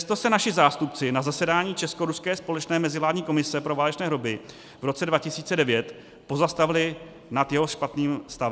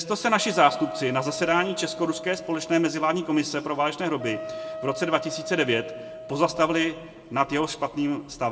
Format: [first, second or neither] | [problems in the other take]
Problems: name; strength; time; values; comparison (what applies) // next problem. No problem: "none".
first | background sound (Wind instrument, woodwind instrument); 12 dB below the speech // room echo; dies away in 1 s